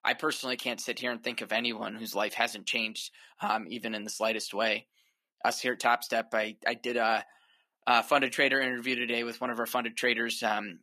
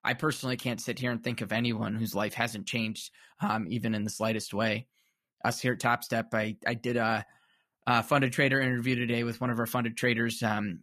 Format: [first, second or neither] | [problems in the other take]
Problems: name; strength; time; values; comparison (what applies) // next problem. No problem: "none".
second | thin; somewhat; fading below 300 Hz